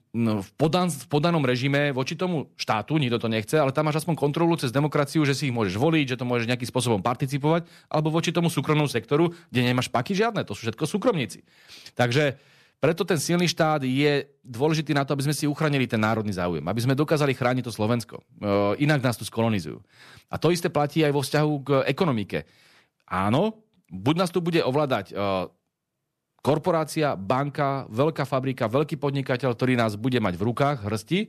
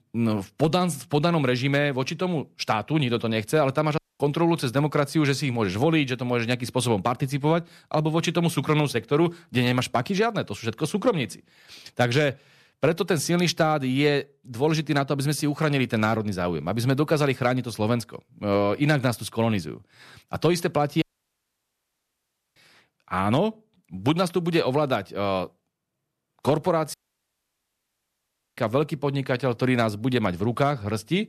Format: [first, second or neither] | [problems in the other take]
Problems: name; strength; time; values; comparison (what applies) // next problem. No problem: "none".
first | audio cutting out; at 4 s, at 21 s for 1.5 s and at 27 s for 1.5 s